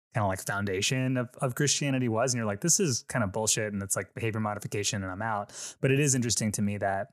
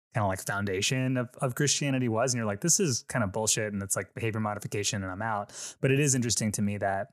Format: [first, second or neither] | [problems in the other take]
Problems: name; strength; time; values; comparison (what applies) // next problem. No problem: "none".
neither | none